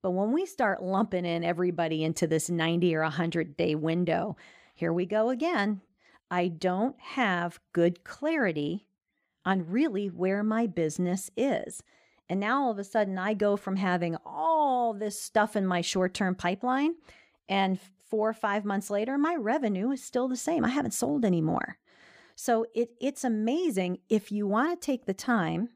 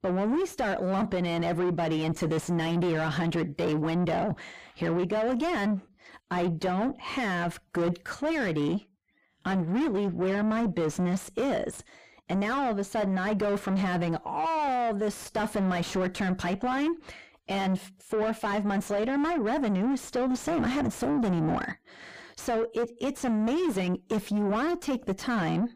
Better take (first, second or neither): first